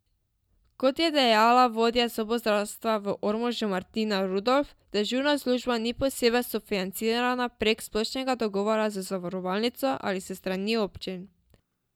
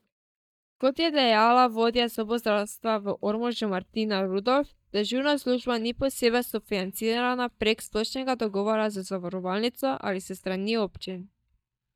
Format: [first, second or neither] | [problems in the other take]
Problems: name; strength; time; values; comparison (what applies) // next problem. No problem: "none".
first | noise reduction (neural mask model DeepFilterNet 3)